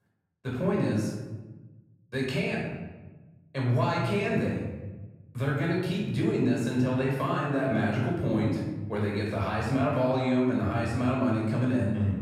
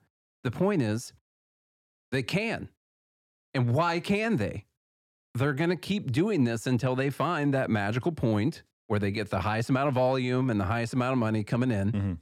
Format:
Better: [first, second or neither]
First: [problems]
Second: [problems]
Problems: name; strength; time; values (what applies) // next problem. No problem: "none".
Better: second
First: off-mic speech; far // room echo; noticeable; dies away in 1.2 s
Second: none